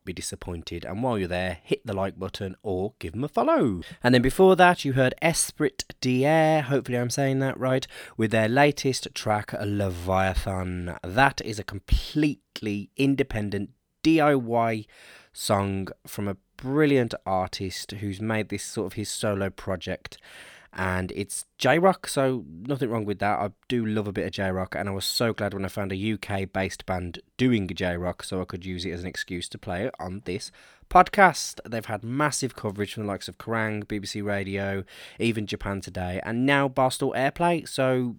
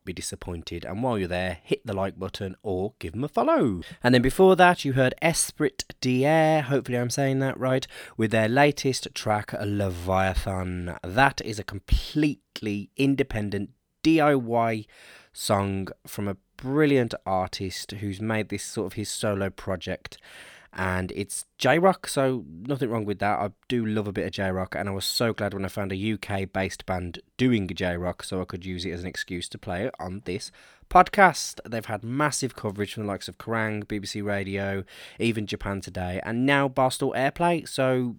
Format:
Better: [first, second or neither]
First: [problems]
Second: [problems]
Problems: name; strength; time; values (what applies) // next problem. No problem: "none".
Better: neither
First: none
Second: none